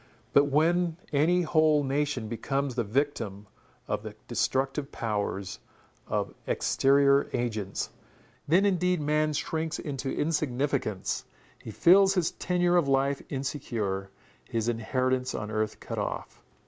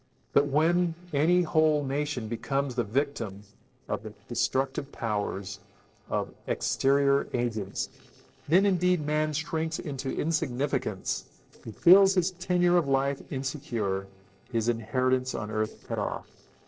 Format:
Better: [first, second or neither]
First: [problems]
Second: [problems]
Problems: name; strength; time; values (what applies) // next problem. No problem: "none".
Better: first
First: none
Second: noise reduction (neural separator model SepFormer DNS4)